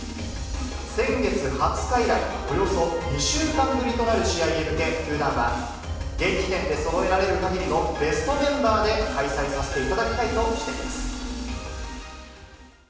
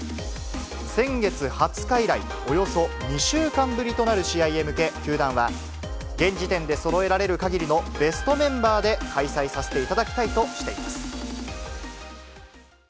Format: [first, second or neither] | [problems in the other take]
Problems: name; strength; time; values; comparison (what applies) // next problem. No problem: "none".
second | room echo; dies away in 0.9 s